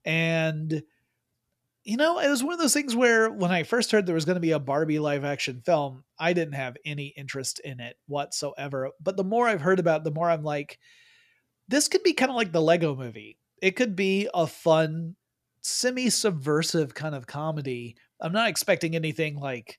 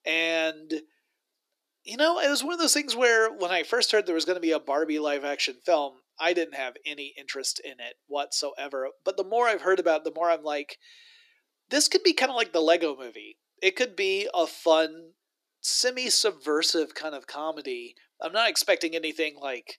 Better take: first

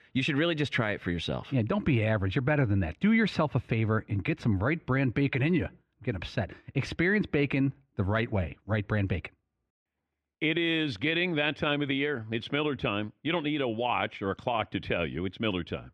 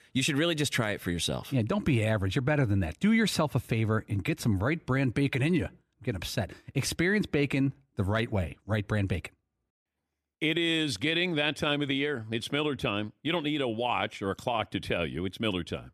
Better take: second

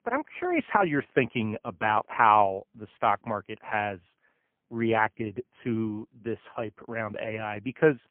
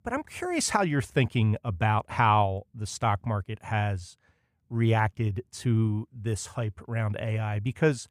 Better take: second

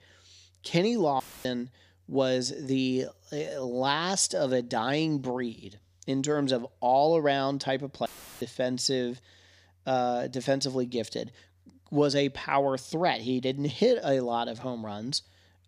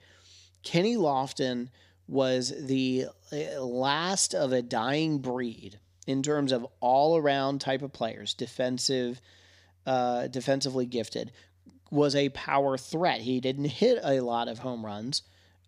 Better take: second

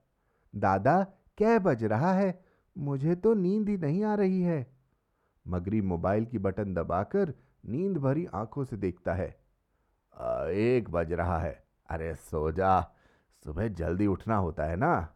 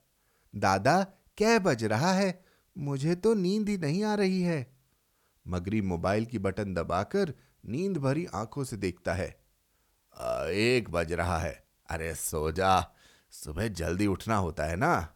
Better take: second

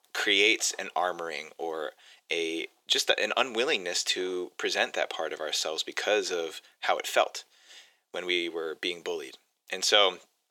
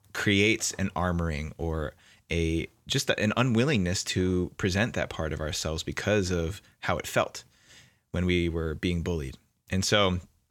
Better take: second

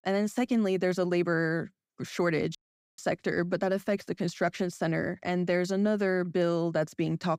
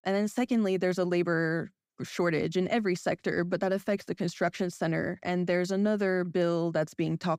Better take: second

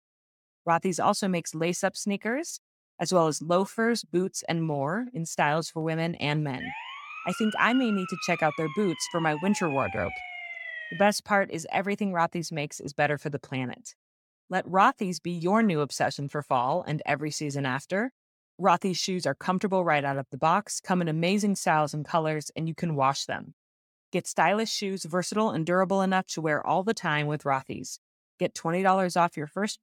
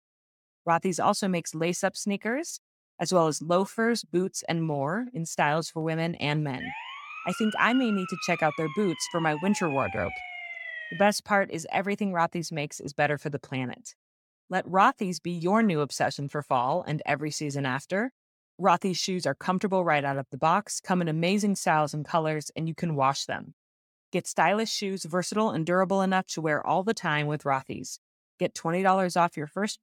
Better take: neither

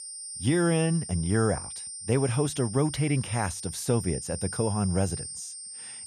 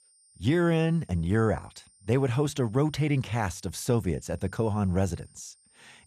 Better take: second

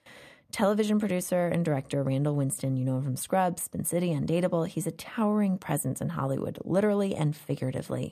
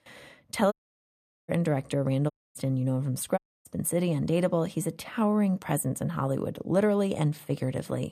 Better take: first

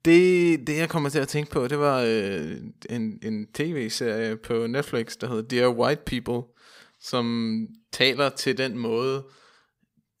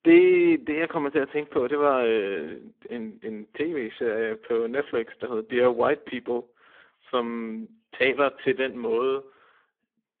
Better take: first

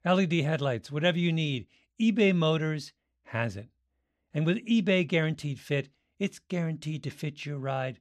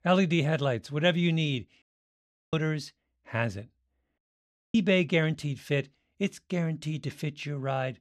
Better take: first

